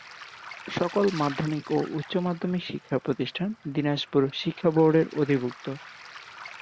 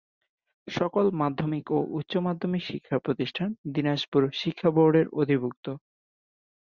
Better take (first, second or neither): second